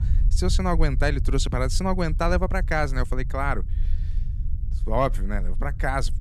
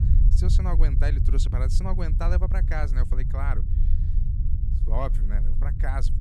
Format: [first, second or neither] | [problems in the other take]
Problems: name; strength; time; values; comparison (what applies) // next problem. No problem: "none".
first | low rumble; loud; throughout; 8 dB below the speech; faint in the first